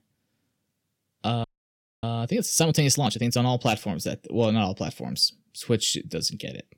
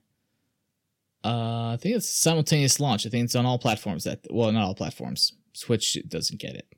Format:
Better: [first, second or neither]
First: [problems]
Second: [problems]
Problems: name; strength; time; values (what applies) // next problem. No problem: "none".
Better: second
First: audio freezing; at 1.5 s for 0.5 s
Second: none